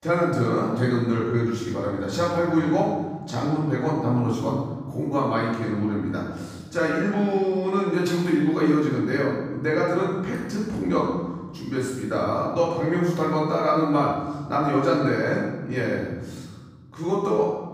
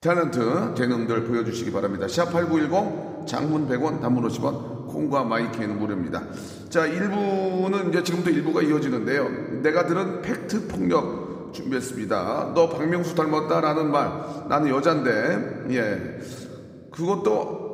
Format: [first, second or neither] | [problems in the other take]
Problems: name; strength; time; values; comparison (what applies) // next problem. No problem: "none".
second | room echo; strong; dies away in 1.8 s; slight in the second // off-mic speech; far